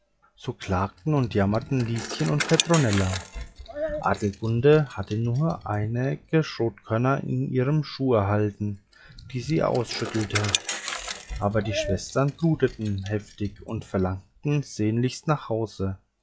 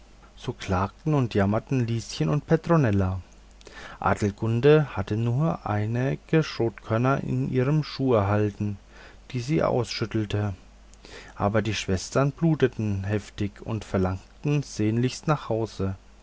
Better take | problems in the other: second | noise reduction (classical method log-MMSE)

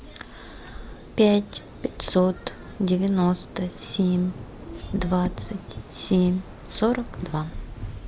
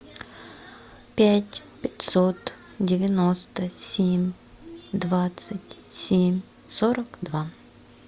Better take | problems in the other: second | background sound (Waves, surf); 12 dB below the speech

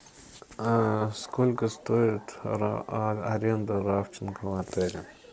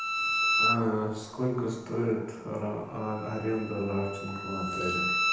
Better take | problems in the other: first | background sound (Bowed string instrument); as loud as the speech // room echo; dies away in 0.9 s

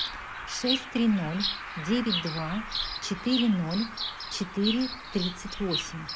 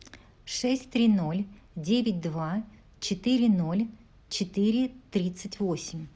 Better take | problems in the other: second | background sound (Bird vocalization, bird call, bird song); 5 dB below the speech

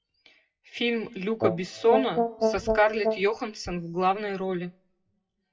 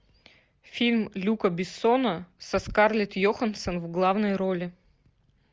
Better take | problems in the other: second | noise reduction (classical method WPE with log-MMSE)

